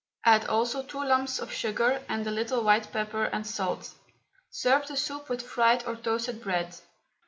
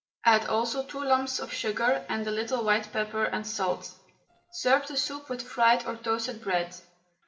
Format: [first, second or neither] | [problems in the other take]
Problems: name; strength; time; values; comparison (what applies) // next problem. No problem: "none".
first | noise reduction (neural separator model SepFormer DNS4)